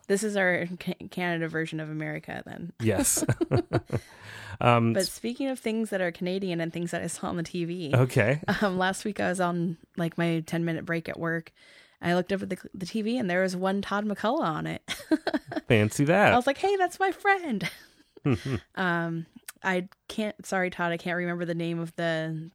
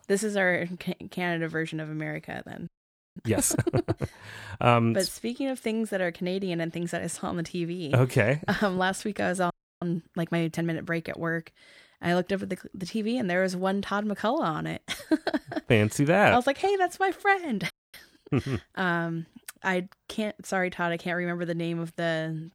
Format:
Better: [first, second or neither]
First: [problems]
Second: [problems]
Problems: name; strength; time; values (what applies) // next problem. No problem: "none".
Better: first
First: none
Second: audio freezing; at 2.5 s, at 9.5 s and at 18 s